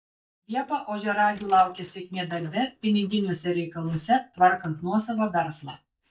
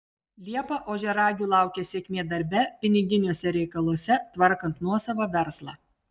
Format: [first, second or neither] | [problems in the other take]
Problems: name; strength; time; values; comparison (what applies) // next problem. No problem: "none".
second | noise reduction (neural mask model DeepFilterNet 3)